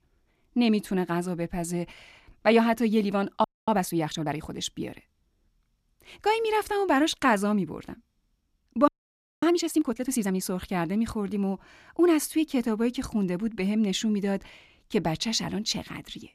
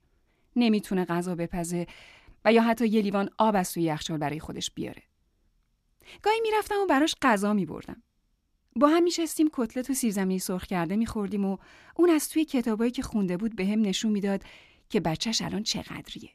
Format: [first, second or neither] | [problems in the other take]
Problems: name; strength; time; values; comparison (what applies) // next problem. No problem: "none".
second | audio freezing; at 3.5 s and at 9 s for 0.5 s